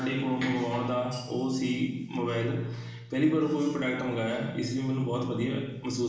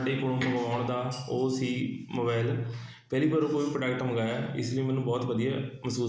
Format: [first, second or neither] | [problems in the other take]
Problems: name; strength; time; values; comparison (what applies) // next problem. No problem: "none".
second | room echo; dies away in 1 s